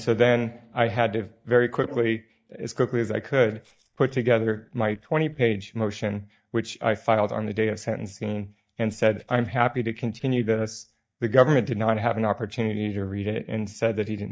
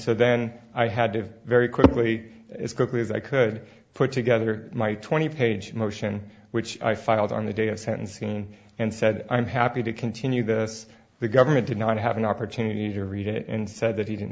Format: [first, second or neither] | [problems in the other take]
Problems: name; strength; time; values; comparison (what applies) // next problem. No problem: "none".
second | noise reduction (neural mask model DeepFilterNet 3)